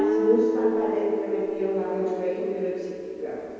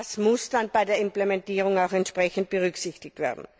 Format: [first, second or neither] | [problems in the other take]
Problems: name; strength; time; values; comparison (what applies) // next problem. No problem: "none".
second | background sound (Guitar); 1 dB below the speech // room echo; dies away in 2.2 s